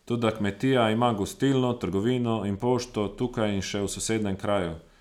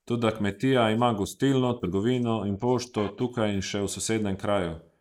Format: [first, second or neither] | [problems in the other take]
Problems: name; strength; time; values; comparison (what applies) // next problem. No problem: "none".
first | noise reduction (neural mask model Resemble Enhance denoiser)